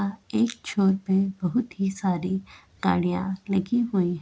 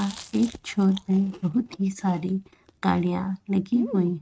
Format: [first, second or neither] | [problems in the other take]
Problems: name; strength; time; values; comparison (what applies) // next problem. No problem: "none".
first | noise reduction (neural mask model RNNoise)